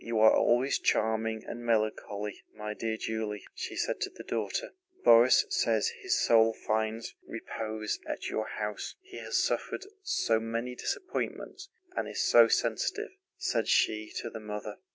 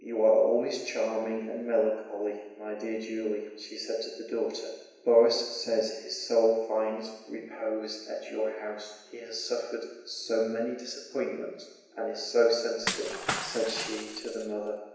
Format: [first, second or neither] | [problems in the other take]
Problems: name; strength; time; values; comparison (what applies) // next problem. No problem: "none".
first | background sound (Shatter / Crushing); 7 dB below the speech // room echo; dies away in 1 s